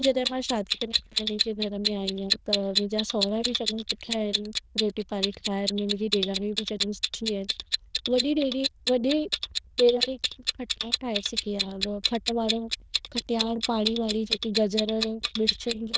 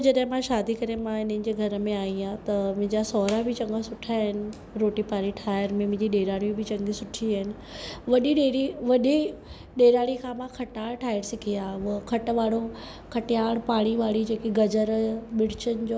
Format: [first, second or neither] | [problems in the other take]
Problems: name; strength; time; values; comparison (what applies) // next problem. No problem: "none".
second | noise reduction (neural diffusion model UNIVERSE++)